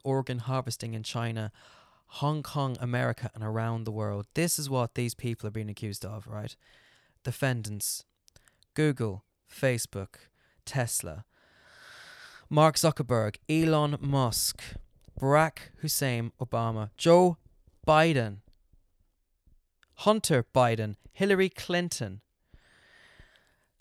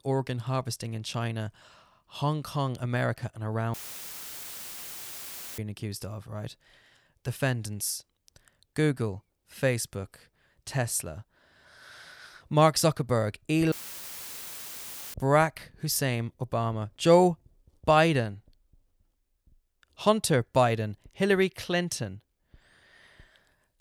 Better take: first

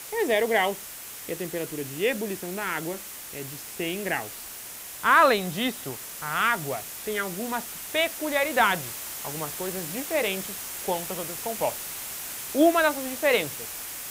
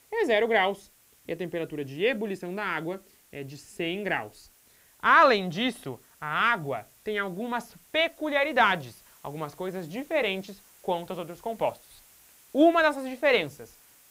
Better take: second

